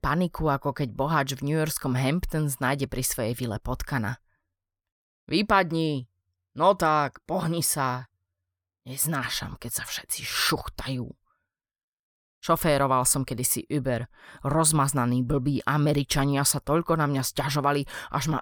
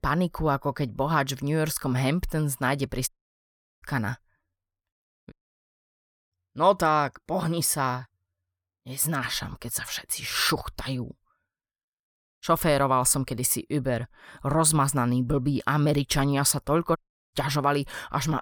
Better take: first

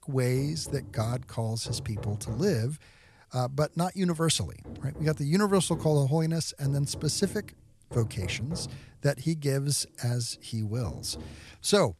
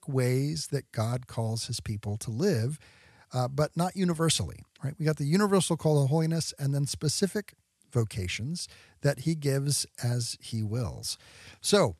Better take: second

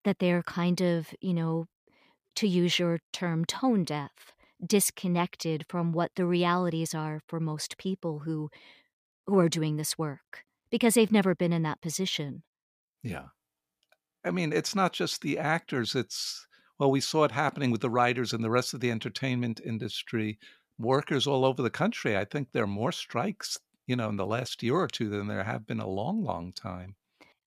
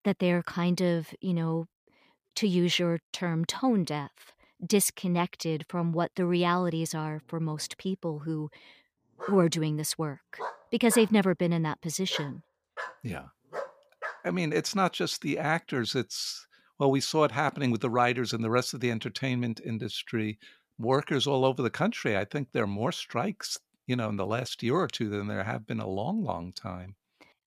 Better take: first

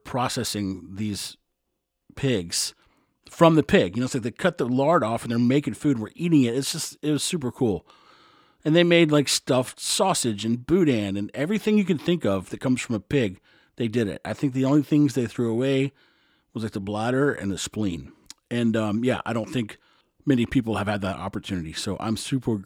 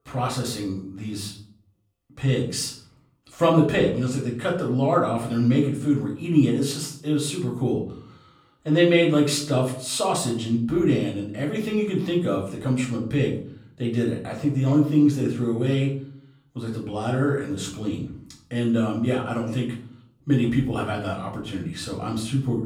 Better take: first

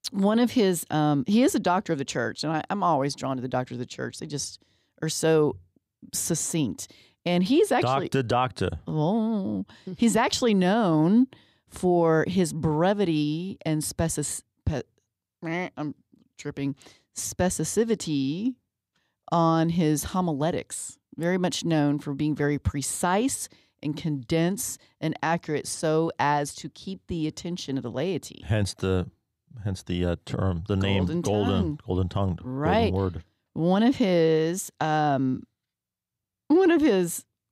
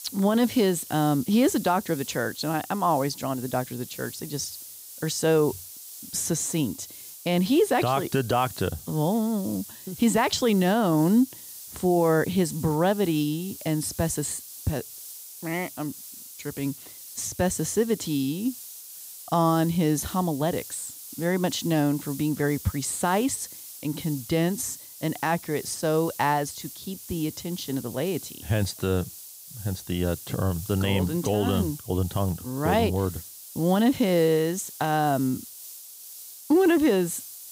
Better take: first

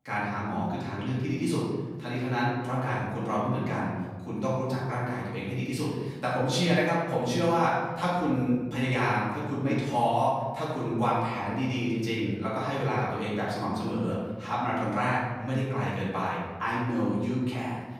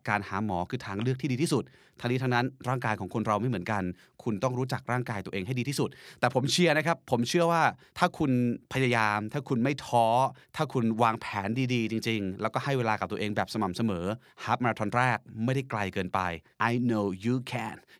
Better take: second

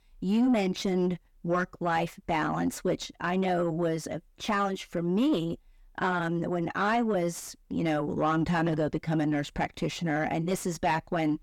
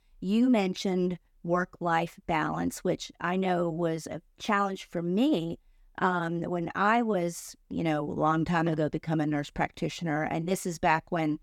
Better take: second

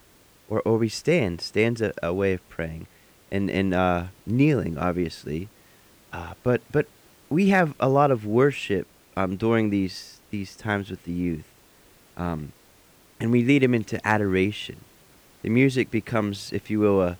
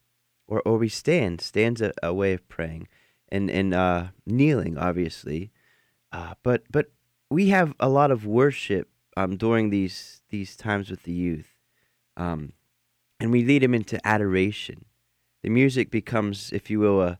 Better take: second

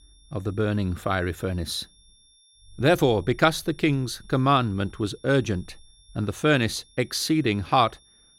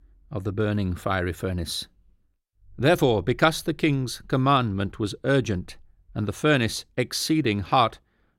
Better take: second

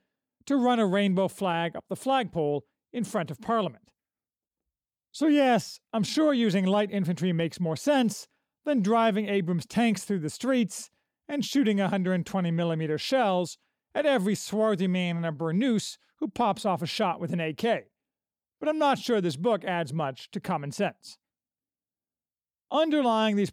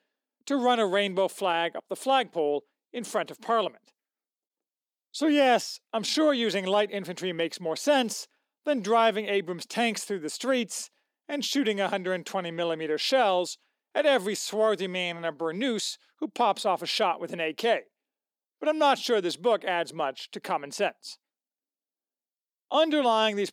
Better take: first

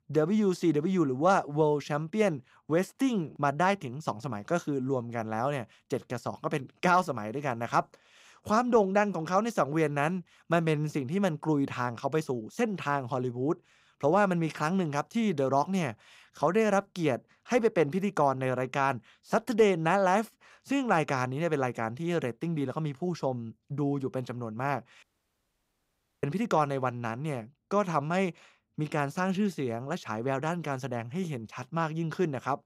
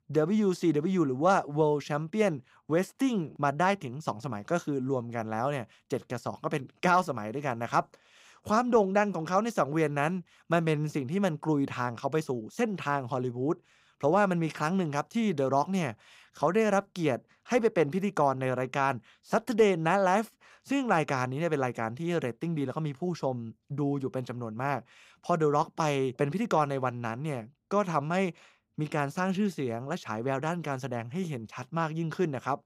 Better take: second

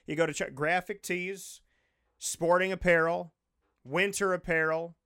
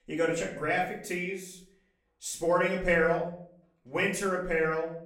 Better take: first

